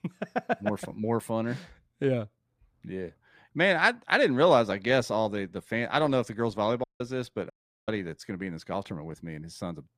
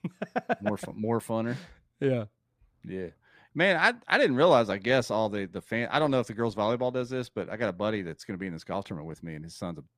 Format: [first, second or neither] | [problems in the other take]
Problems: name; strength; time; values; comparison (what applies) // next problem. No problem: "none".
second | audio cutting out; at 7 s and at 7.5 s